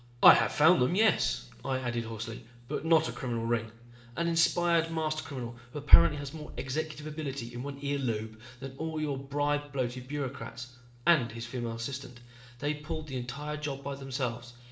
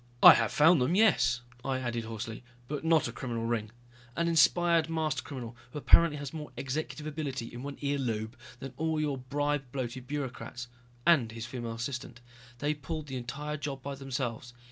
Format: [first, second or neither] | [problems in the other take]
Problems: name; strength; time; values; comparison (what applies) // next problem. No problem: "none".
second | room echo; dies away in 0.9 s